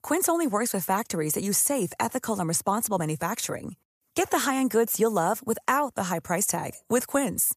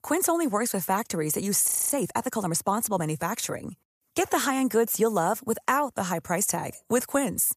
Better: first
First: none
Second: audio freezing; at 1.5 s

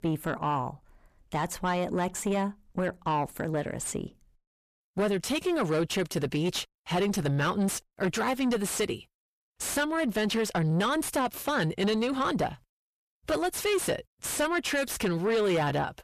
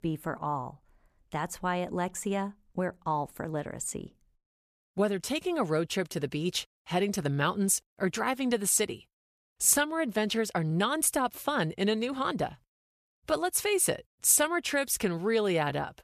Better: second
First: distortion; heavy; 5 dB below the speech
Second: none

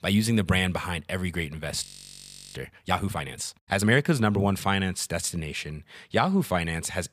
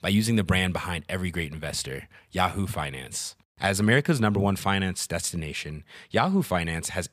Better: second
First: audio freezing; at 2 s for 0.5 s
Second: none

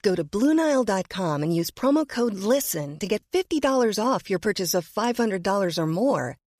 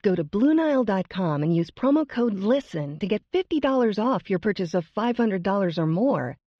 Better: first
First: none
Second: muffled; slightly; fading above 3.5 kHz

